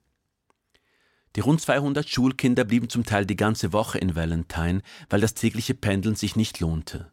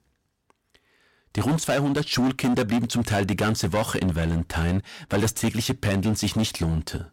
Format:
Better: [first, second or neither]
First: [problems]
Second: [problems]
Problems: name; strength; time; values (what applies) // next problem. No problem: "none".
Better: first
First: none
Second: distortion; heavy; 15% of the sound clipped